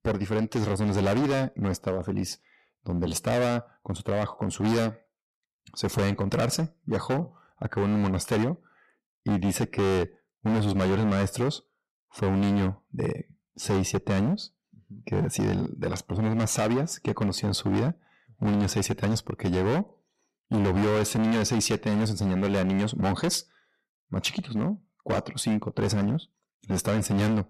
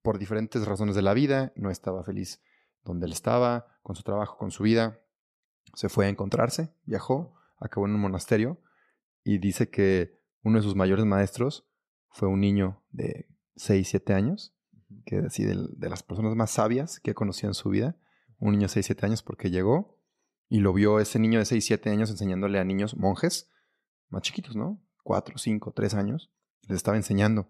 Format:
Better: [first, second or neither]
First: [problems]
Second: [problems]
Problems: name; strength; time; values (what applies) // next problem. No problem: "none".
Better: second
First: distortion; heavy; 18% of the sound clipped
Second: none